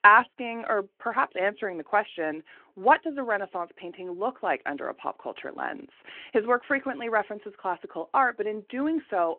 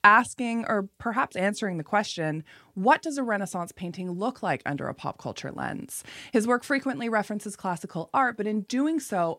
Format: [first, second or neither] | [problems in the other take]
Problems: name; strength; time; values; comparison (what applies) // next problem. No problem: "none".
second | phone-call audio